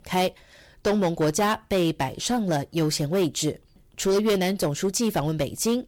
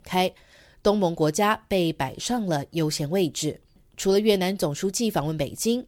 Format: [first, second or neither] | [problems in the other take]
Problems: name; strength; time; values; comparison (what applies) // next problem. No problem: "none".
second | distortion; slight; 9% of the sound clipped